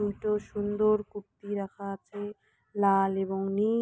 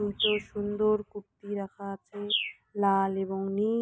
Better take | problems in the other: first | background sound (Bird); 8 dB below the speech

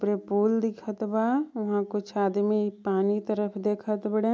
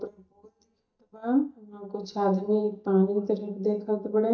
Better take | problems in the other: first | noise reduction (neural mask model DeepFilterNet 3)

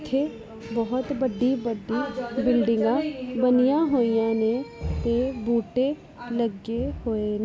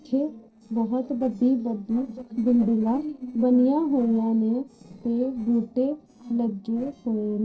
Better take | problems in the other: first | noise reduction (neural separator model SepFormer DNS4)

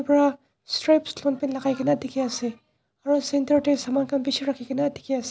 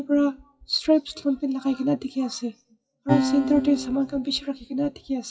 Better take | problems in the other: first | noise reduction (classical method WPE with log-MMSE)

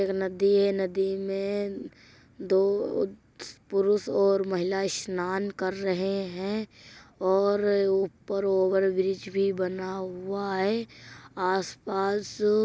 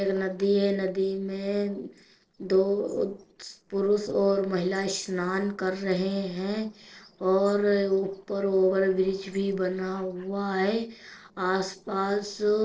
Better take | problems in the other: first | noise reduction (neural separator model SepFormer DNS4)

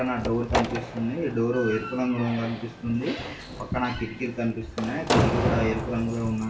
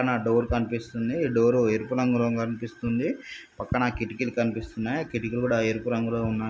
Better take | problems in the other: second | background sound (Slam); 3 dB below the speech // room echo; dies away in 0.2 s

